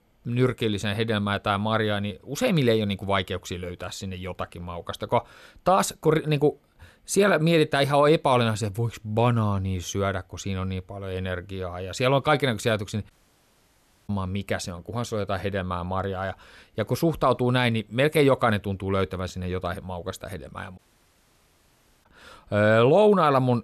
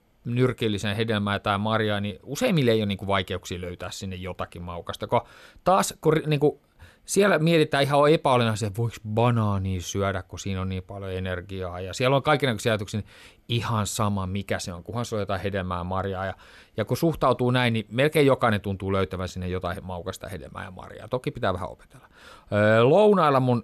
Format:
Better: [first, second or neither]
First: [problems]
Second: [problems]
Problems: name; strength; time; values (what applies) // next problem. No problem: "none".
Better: second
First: audio cutting out; at 13 s for 1 s and at 21 s for 1.5 s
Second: none